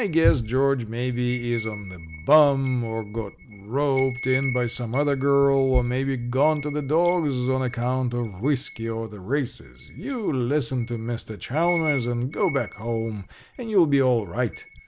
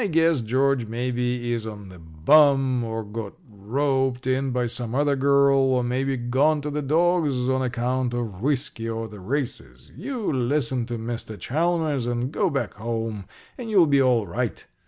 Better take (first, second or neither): second